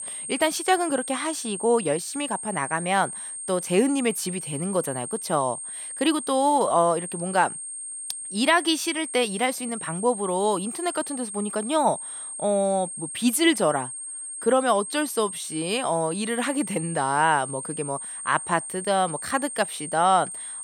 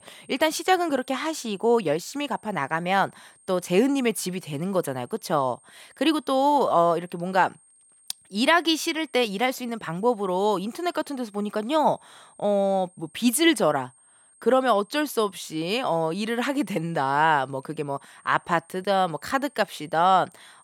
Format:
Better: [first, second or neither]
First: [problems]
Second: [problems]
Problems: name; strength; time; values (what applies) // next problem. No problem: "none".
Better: second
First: high-pitched whine; loud; throughout; 8.5 kHz, 7 dB below the speech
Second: high-pitched whine; faint; throughout; 8.5 kHz, 30 dB below the speech